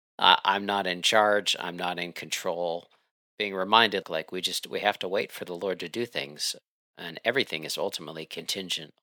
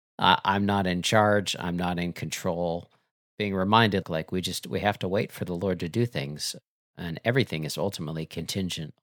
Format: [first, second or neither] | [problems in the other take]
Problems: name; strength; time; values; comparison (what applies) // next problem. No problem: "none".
second | thin; somewhat; fading below 350 Hz